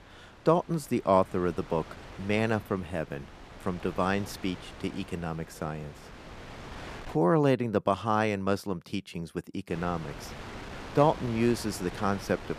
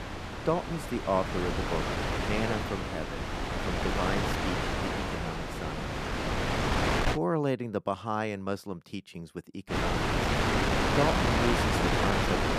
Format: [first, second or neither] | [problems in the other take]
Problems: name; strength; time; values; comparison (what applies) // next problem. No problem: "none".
first | wind noise on the microphone; heavy; until 7 s and from 9.5 s on; 4 dB above the speech; occasional gusts in the first